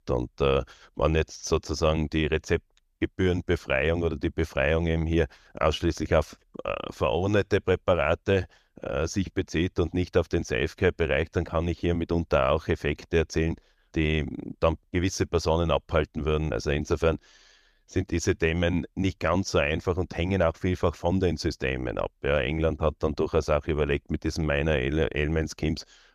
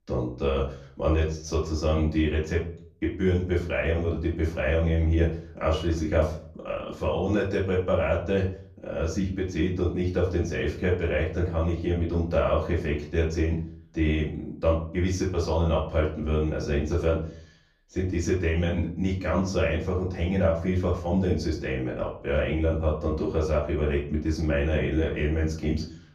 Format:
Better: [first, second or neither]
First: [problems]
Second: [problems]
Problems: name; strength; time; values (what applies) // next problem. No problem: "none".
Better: first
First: none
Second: off-mic speech; far // room echo; slight; dies away in 0.4 s